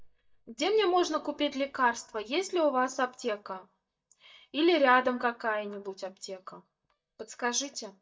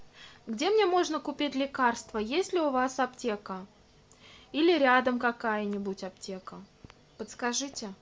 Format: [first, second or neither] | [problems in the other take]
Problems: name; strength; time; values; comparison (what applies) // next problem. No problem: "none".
second | noise reduction (neural mask model DeepFilterNet 3)